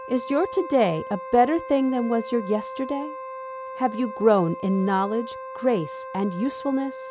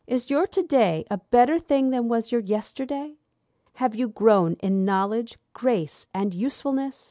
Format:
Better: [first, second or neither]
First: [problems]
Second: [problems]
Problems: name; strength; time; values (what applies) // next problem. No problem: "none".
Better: second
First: background sound (Wind instrument, woodwind instrument); 12 dB below the speech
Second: none